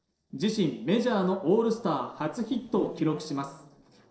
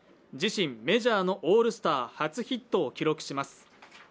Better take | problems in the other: second | noise reduction (neural separator model SepFormer DNS4)

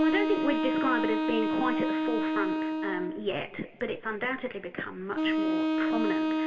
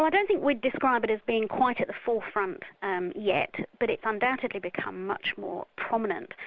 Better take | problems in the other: second | background sound (Wind instrument, woodwind instrument); 3 dB above the speech // room echo; dies away in 1.6 s

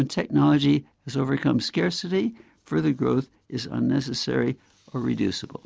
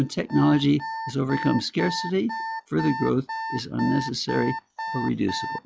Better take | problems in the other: first | noise reduction (classical method log-MMSE)

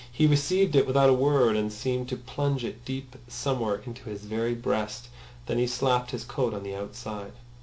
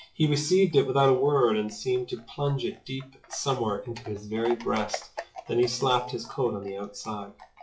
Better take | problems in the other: first | noise reduction (classical method WPE with log-MMSE)

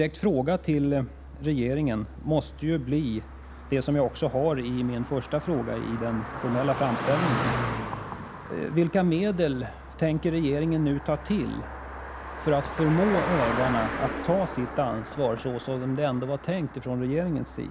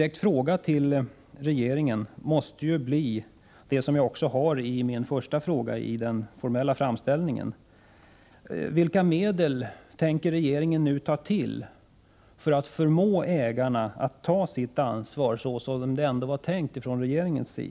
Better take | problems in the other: second | background sound (Car passing by); 8 dB below the speech

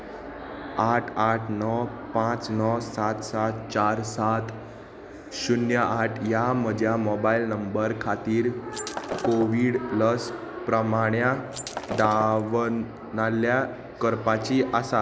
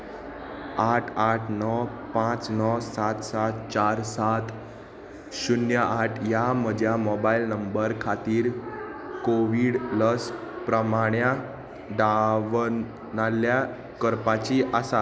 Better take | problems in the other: second | background sound (Shatter); 11 dB below the speech

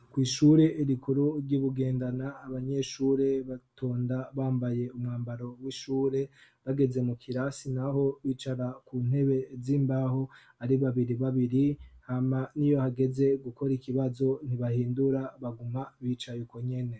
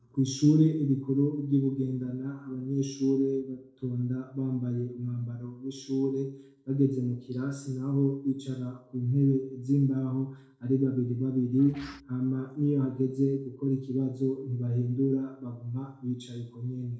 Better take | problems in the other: first | noise reduction (neural separator model SepFormer DNS4)

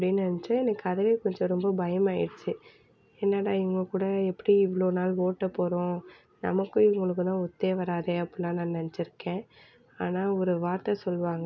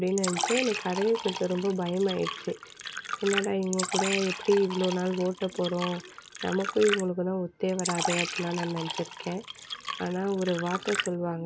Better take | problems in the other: first | background sound (Fill (with liquid)); 6 dB below the speech

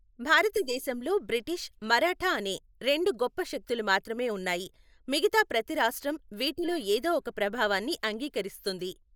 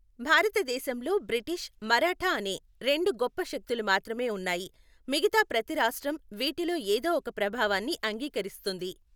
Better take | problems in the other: second | noise reduction (neural mask model Resemble Enhance denoiser)

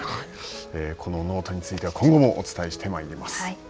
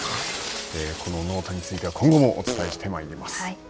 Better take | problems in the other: first | background sound (Fart + Shatter); 10 dB below the speech

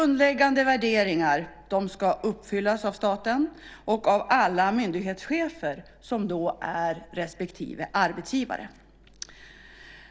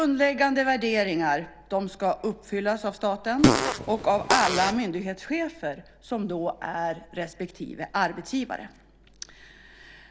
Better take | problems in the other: first | background sound (Fart); 3 dB above the speech

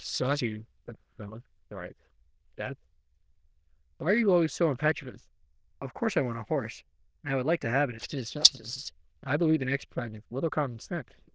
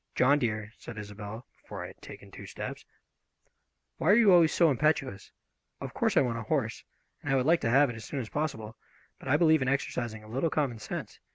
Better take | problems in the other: second | noise reduction (neural diffusion model UNIVERSE++)

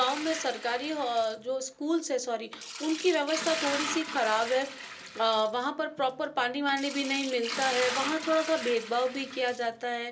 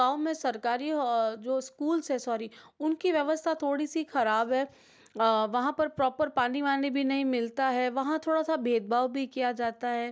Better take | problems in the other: second | background sound (Liquid); 9 dB below the speech // room echo; dies away in 0.2 s

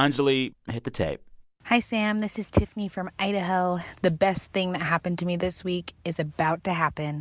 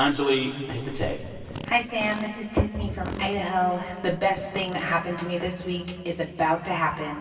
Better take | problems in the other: first | background sound (Fart); 16 dB below the speech // room echo; dies away in 2.5 s

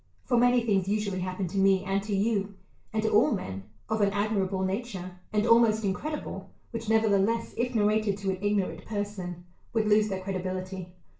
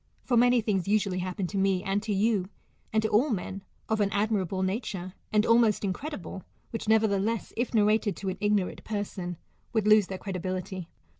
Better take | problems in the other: second | room echo; dies away in 0.3 s

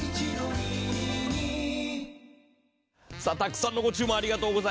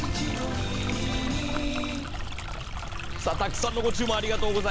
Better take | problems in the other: first | background sound (Stream); 1 dB below the speech

